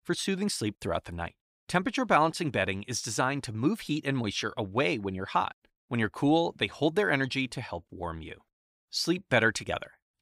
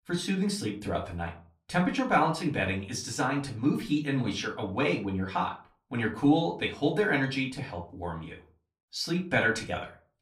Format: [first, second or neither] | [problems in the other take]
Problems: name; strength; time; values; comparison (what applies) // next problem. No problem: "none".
first | off-mic speech; far // room echo; very slight; dies away in 0.3 s